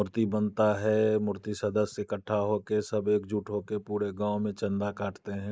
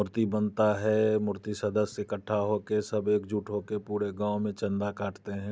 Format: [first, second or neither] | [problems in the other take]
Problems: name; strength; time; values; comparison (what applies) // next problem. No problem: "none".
second | noise reduction (neural mask model Resemble Enhance denoiser)